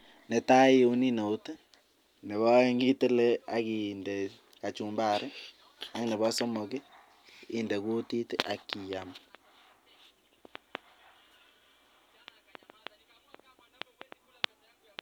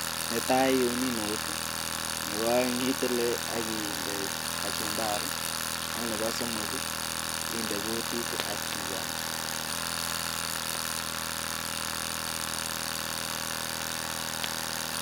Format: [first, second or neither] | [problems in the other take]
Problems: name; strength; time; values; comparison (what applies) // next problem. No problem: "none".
first | background sound (Tools); 2 dB above the speech